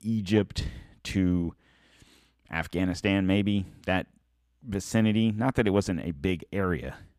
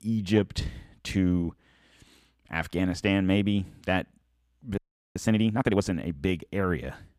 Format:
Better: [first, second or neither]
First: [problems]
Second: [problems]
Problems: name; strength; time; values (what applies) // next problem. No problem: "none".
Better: first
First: none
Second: audio freezing; at 5 s